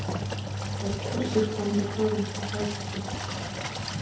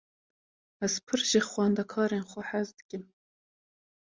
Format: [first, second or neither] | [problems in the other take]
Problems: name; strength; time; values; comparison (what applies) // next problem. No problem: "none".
second | background sound (Engine); as loud as the speech // room echo; dies away in 0.8 s